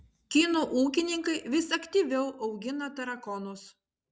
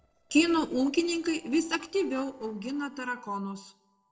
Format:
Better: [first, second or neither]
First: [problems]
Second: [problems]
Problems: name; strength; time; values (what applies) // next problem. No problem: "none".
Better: first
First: none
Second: noise reduction (neural separator model SepFormer DNS4)